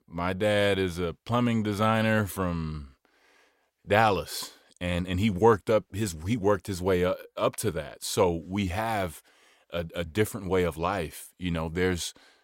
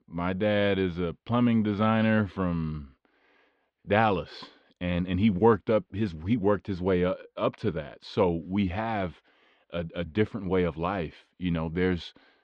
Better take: first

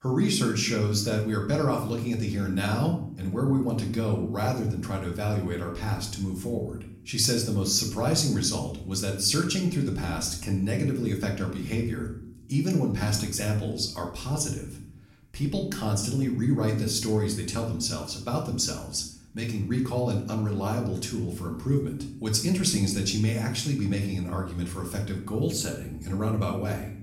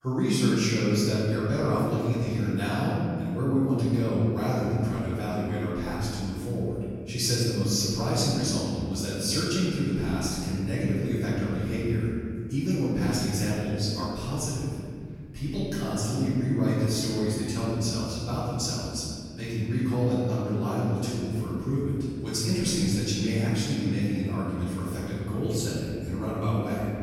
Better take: first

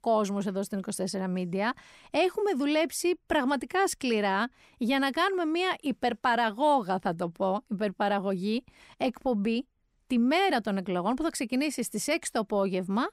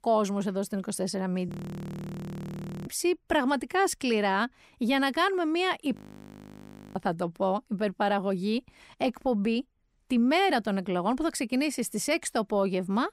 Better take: first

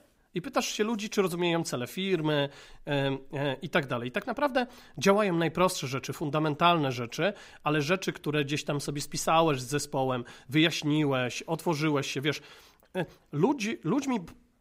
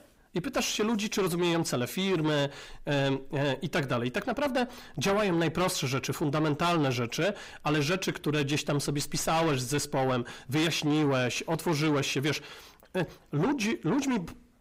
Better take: first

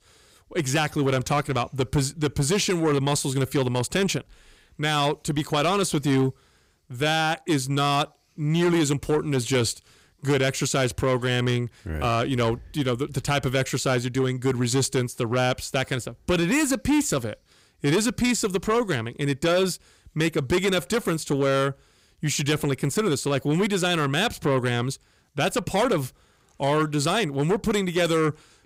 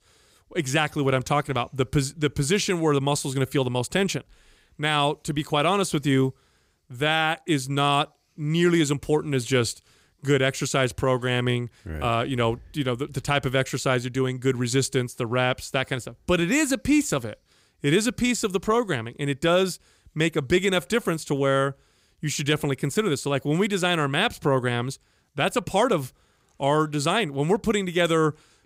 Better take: second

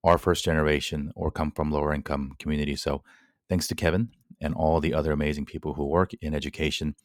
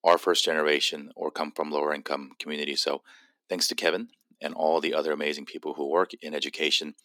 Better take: first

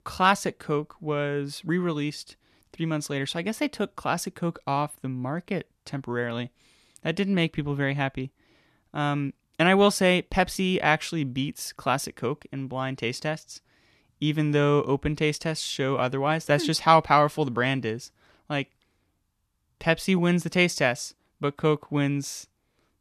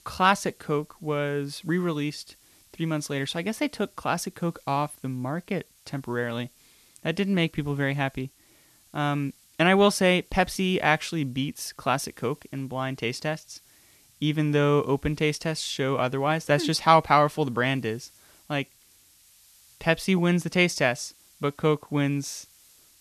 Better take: first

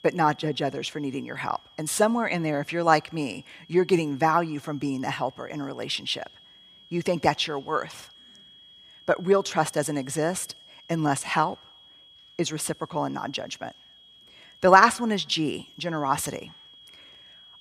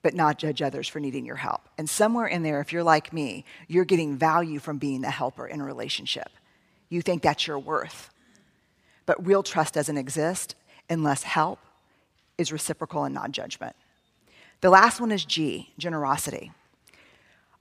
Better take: second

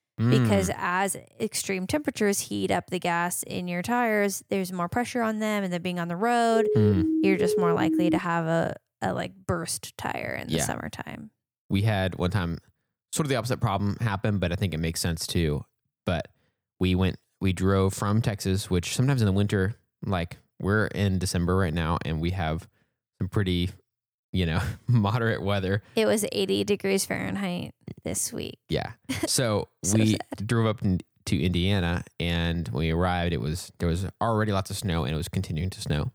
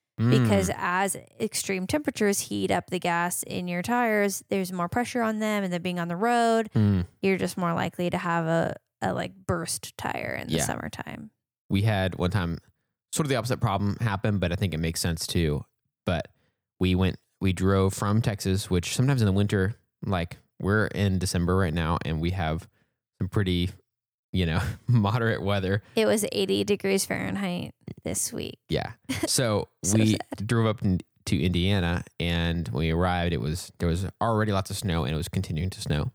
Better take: second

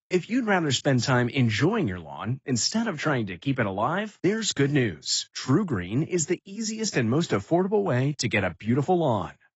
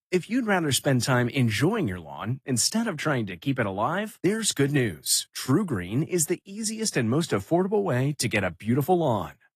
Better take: second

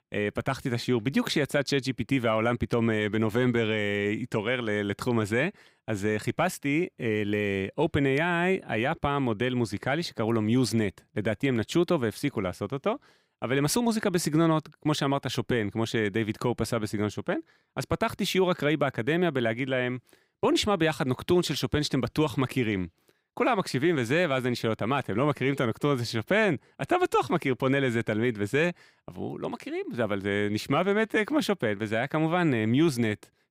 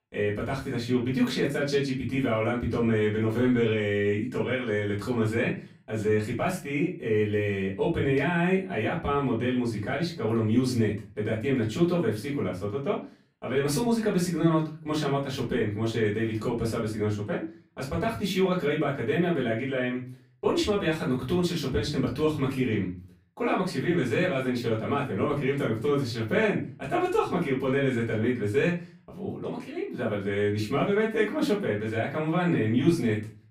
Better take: first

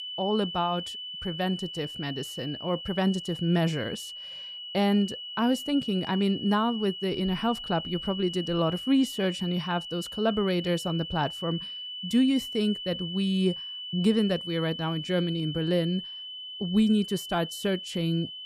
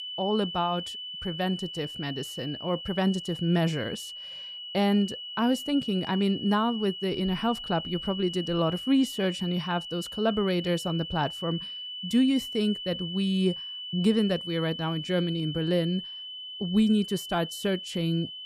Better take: neither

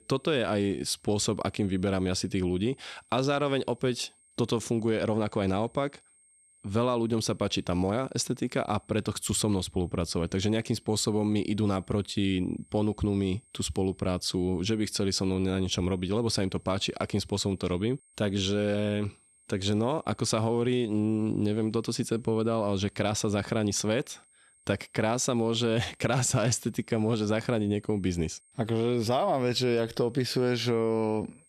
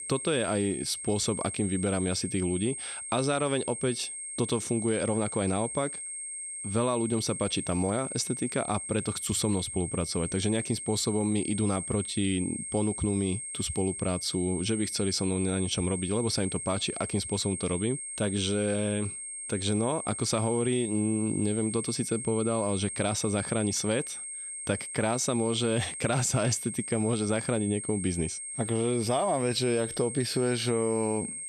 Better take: first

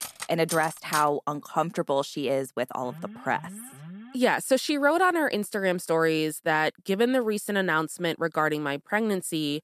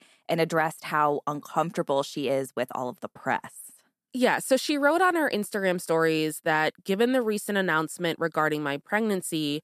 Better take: second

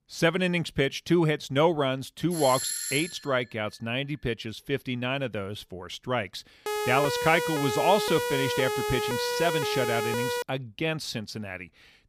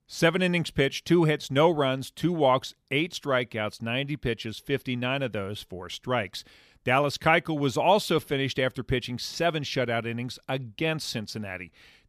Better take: second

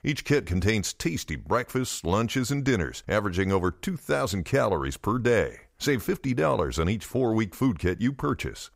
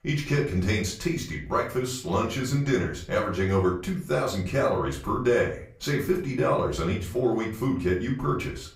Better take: first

